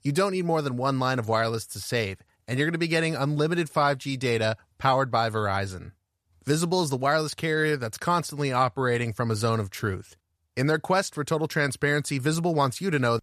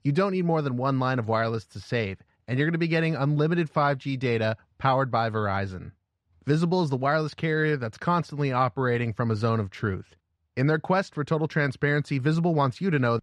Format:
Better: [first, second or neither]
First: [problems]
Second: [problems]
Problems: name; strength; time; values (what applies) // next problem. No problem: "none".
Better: first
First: none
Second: muffled; very slightly; fading above 3.5 kHz